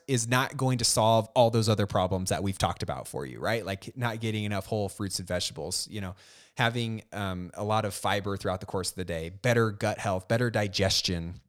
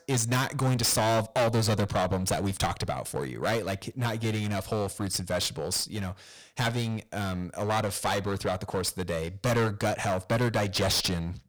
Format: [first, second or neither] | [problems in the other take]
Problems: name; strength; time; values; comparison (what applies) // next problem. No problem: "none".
first | distortion; heavy; 15% of the sound clipped